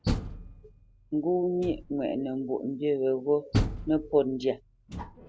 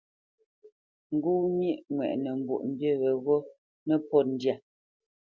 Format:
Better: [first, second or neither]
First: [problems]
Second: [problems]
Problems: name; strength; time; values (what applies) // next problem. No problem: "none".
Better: second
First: background sound (Door); 6 dB below the speech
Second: none